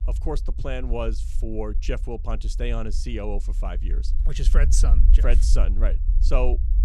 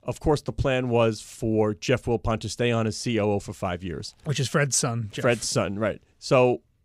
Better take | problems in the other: second | low rumble; noticeable; throughout; 15 dB below the speech

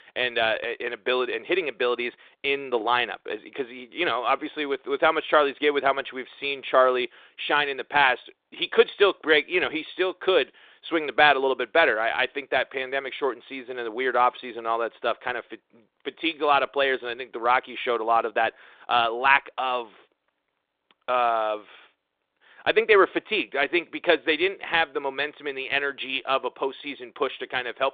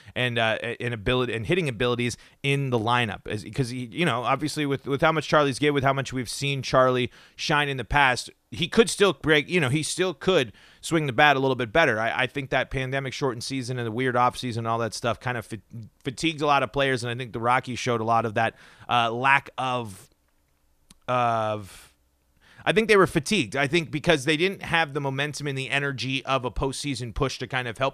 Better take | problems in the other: second | phone-call audio; nothing above 3.5 kHz

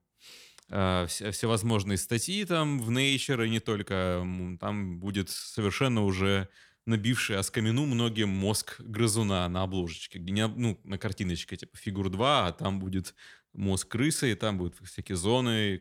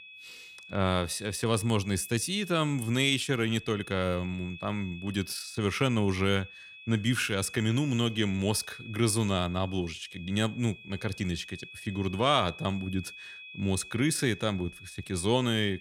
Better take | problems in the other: first | high-pitched whine; noticeable; throughout; 2.5 kHz, 15 dB below the speech

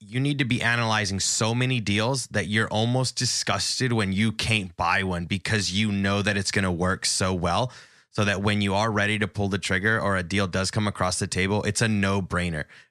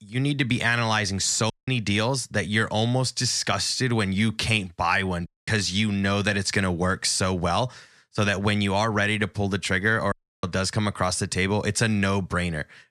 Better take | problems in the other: first | audio cutting out; at 1.5 s, at 5.5 s and at 10 s

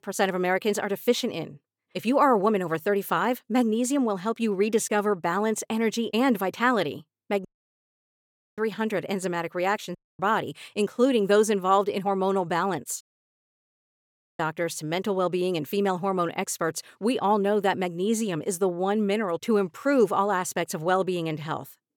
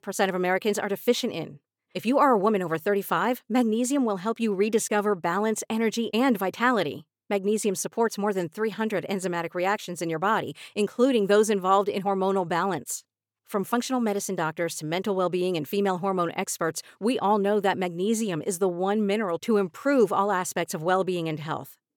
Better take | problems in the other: second | audio cutting out; at 7.5 s for 1 s, at 10 s and at 13 s for 1.5 s

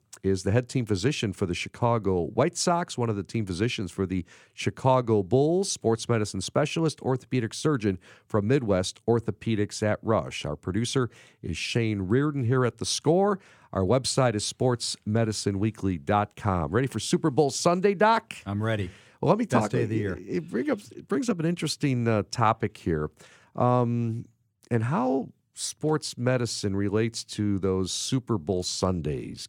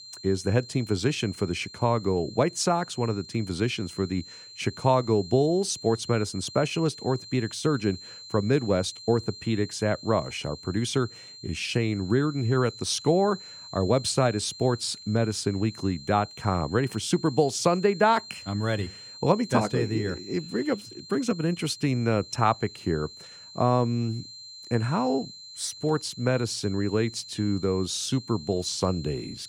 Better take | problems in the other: first | high-pitched whine; noticeable; throughout; 4 kHz, 15 dB below the speech

